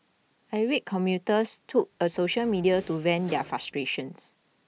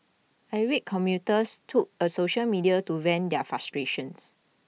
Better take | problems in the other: second | background sound (Door); 20 dB below the speech

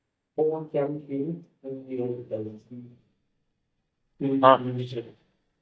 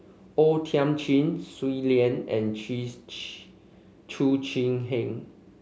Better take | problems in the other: second | noise reduction (neural mask model DeepFilterNet 3)

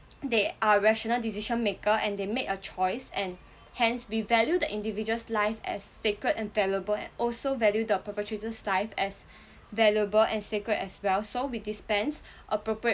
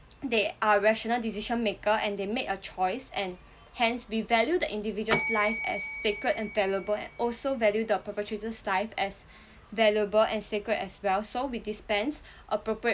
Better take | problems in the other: first | background sound (Bell); 13 dB below the speech

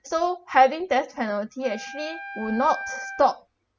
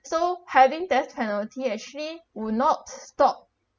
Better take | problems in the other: second | background sound (Wind instrument, woodwind instrument); 12 dB below the speech

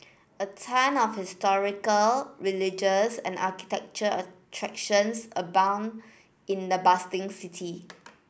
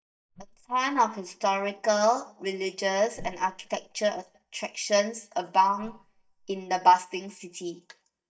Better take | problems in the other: first | noise reduction (neural mask model DeepFilterNet 3)

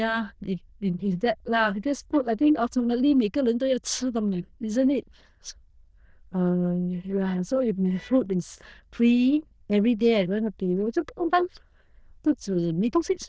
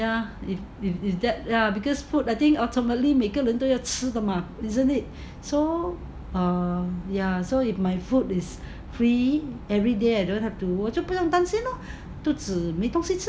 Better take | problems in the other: second | noise reduction (neural diffusion model UNIVERSE++)

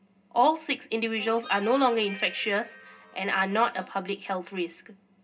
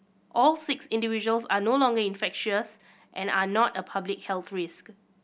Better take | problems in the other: second | background sound (Harmonica); 17 dB below the speech // room echo; dies away in 0.2 s

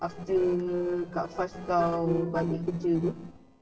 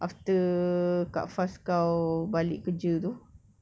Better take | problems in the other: second | noise reduction (neural separator model SepFormer DNS4)

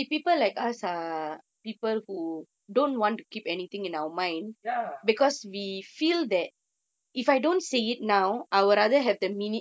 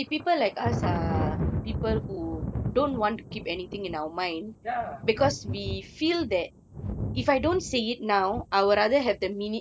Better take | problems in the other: first | background sound (Thunder); 6 dB below the speech

